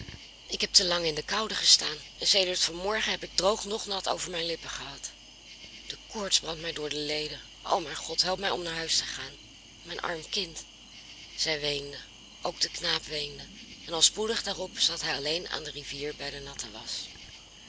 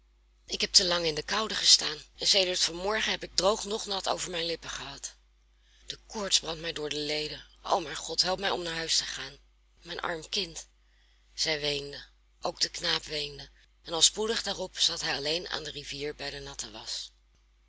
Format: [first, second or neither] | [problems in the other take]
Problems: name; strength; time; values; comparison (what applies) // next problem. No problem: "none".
second | background sound (Cricket); 17 dB below the speech